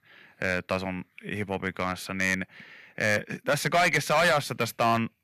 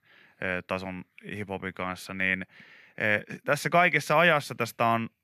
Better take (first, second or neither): second